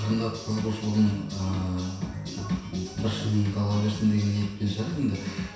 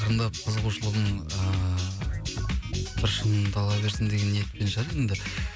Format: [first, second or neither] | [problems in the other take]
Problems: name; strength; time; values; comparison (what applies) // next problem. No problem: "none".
second | room echo; dies away in 0.7 s